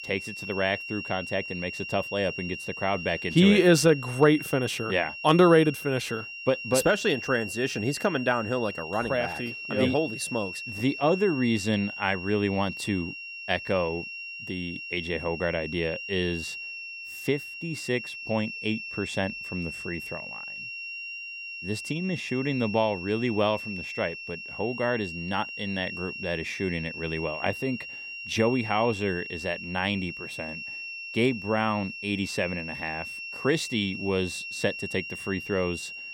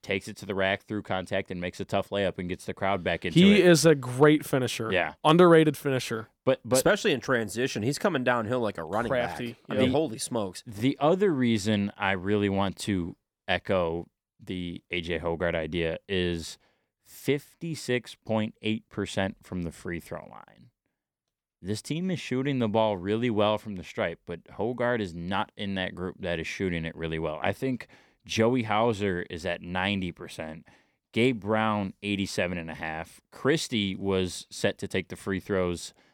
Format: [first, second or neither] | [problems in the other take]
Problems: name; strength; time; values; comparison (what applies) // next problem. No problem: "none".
second | high-pitched whine; loud; throughout; 3 kHz, 8 dB below the speech